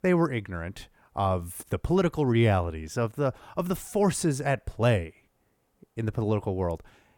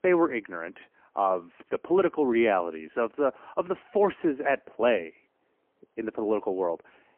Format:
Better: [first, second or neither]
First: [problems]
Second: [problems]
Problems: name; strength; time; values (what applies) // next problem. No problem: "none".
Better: first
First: none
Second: phone-call audio; poor line; nothing above 3 kHz